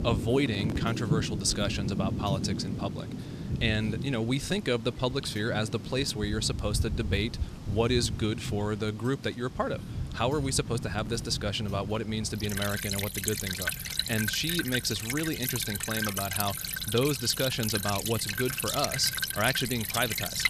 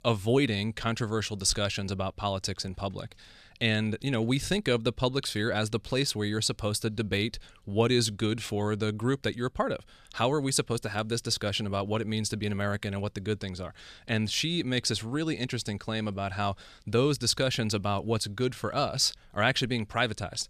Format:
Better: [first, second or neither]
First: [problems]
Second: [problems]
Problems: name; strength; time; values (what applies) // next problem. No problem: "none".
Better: second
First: rain or running water; loud; throughout; 3 dB below the speech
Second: none